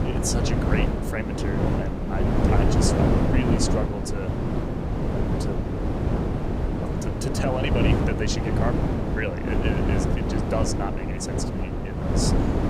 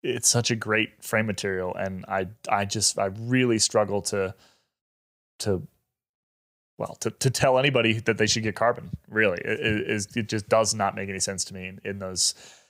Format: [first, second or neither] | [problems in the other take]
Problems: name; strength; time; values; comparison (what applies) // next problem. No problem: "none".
second | wind noise on the microphone; heavy; 2 dB above the speech